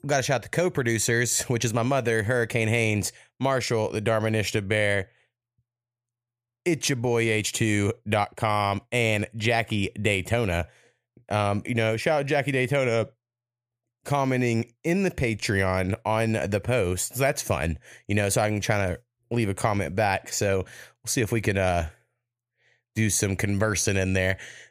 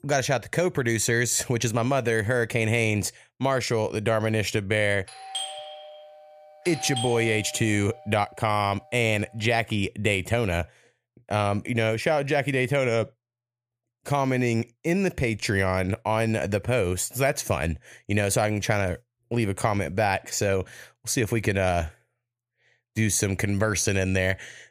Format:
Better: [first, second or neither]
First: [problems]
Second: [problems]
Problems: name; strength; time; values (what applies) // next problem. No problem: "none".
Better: first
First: none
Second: doorbell; noticeable; from 5 to 8 s; peak 6 dB below the speech